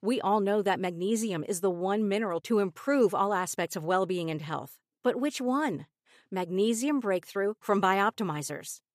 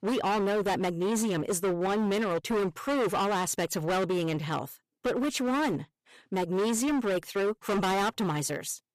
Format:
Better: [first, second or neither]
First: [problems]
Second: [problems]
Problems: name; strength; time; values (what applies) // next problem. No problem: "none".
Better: first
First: none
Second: distortion; heavy; 25% of the sound clipped